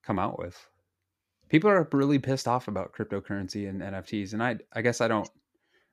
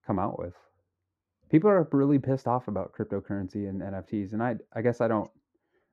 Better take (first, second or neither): first